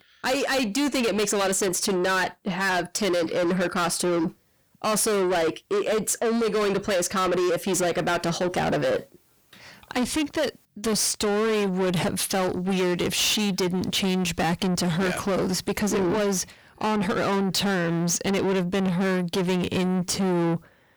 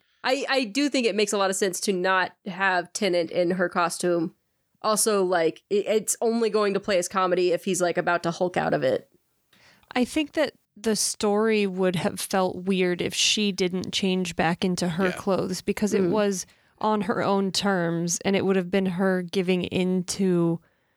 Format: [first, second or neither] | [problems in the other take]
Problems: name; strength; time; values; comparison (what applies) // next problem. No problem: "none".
second | distortion; heavy; 7 dB below the speech